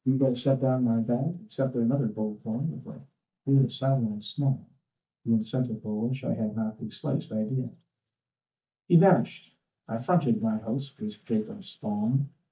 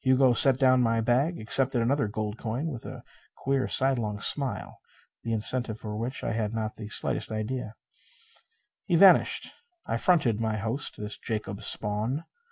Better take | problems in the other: second | noise reduction (neural mask model DeepFilterNet 3)

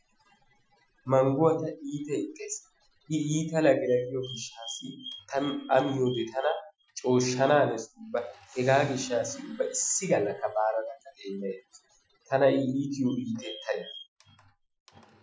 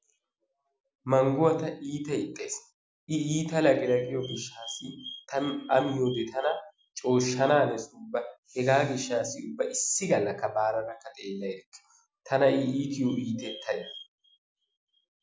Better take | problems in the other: second | noise reduction (classical method Wiener filter)

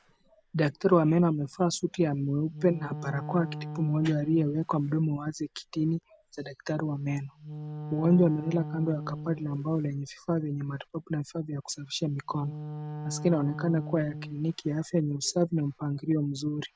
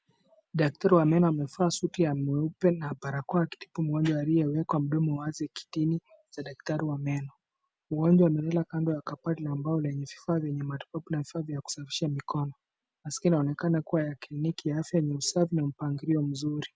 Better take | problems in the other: second | background sound (Wind instrument, woodwind instrument); 13 dB below the speech

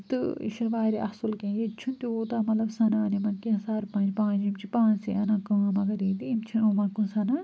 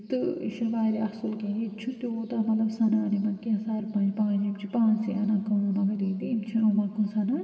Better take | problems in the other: first | room echo; dies away in 2.5 s

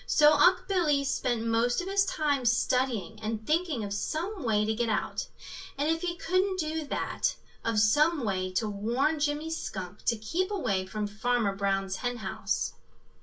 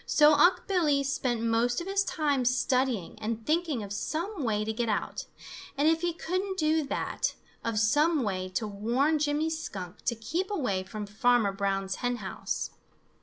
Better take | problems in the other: second | room echo; dies away in 0.1 s

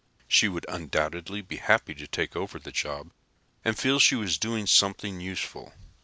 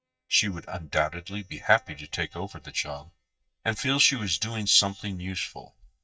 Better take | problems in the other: first | noise reduction (neural mask model DeepFilterNet 3)

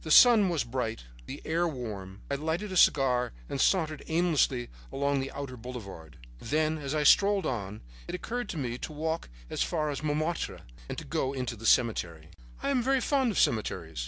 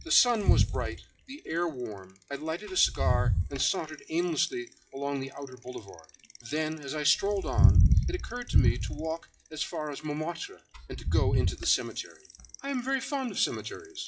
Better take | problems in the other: first | noise reduction (classical method WPE with log-MMSE)

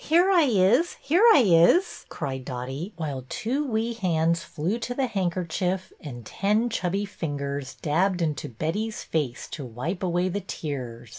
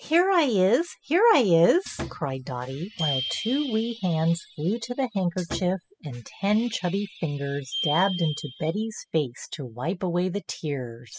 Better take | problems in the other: first | noise reduction (classical method spectral subtraction)

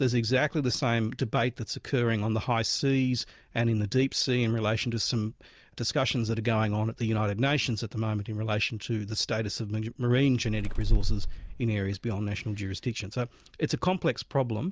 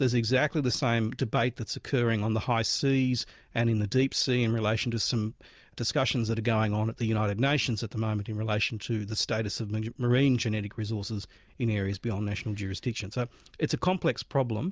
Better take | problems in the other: second | background sound (Bird); 3 dB above the speech

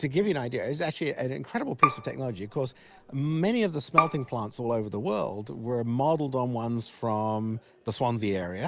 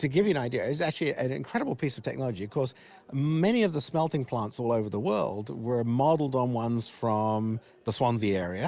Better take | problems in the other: second | background sound (Bowed string instrument); 3 dB below the speech

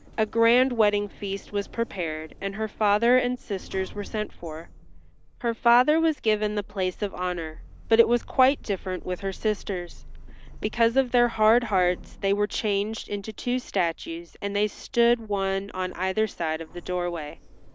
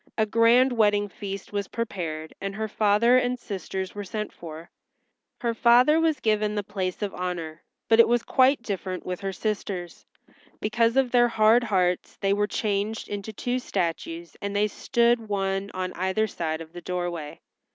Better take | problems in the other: second | background sound (Sliding door); 17 dB below the speech

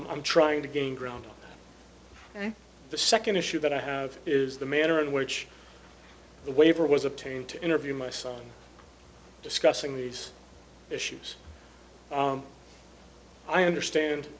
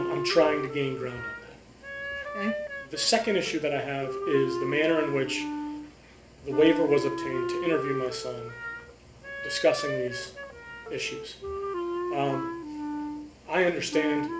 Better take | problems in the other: first | background sound (Wind instrument, woodwind instrument); 5 dB below the speech // room echo; dies away in 0.4 s

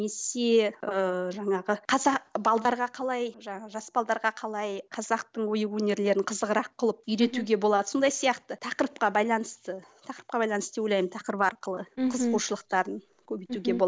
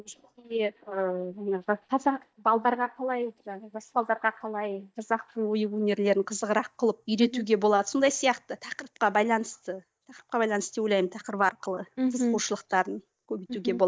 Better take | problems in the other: first | noise reduction (neural mask model DeepFilterNet 3)

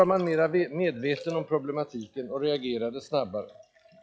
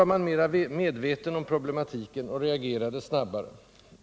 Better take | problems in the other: second | noise reduction (classical method log-MMSE)

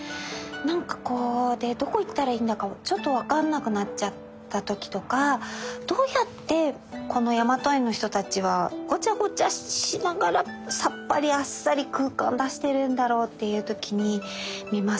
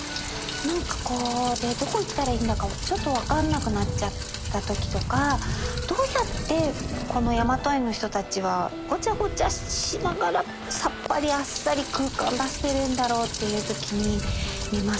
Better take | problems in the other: first | background sound (Rain); 4 dB below the speech

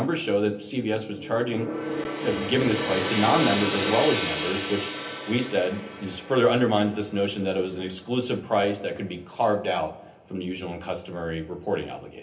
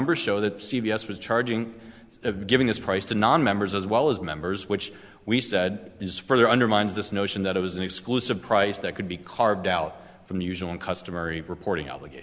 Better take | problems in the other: second | background sound (Gong); 7 dB below the speech // room echo; dies away in 0.3 s

